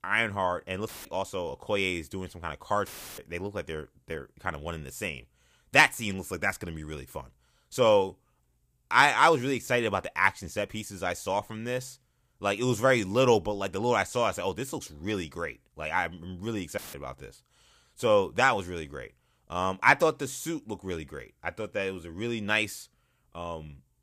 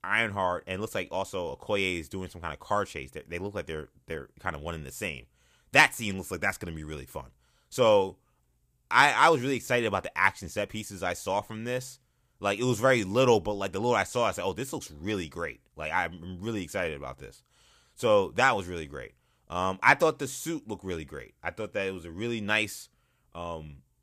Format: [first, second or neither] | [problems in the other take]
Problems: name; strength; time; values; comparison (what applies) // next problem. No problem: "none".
second | audio cutting out; filled with static; at 1 s, at 3 s and at 17 s